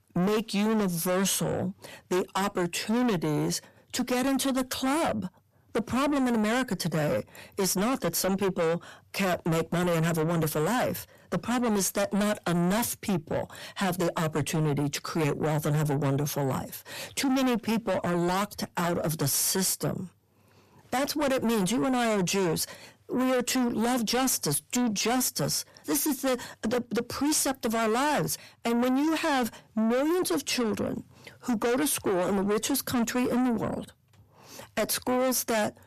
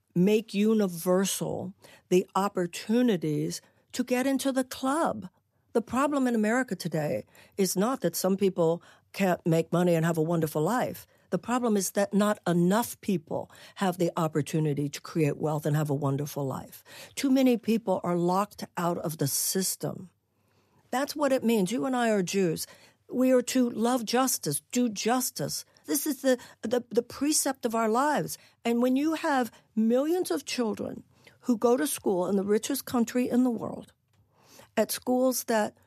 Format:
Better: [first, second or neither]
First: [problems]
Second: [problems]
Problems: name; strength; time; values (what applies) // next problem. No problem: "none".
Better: second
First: distortion; heavy; 6 dB below the speech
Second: none